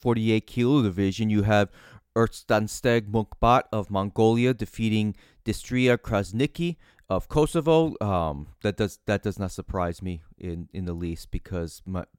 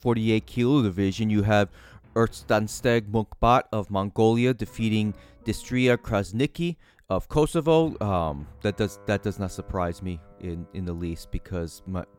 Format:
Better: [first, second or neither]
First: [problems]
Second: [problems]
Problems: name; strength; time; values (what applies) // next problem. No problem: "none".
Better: first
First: none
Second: background music; faint; throughout; 25 dB below the speech